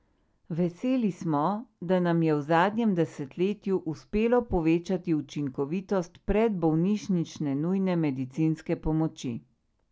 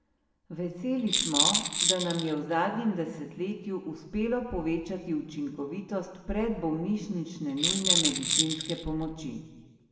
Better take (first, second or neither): first